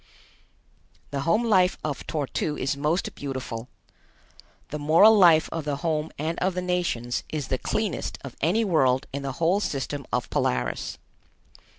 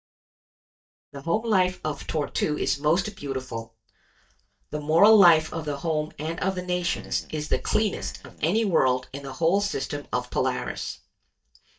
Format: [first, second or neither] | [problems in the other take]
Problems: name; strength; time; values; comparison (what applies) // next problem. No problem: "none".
first | noise reduction (neural mask model DeepFilterNet 3)